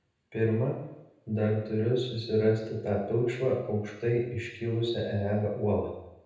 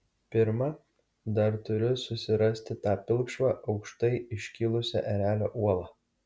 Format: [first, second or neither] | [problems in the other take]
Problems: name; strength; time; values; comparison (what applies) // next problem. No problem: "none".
second | room echo; dies away in 0.9 s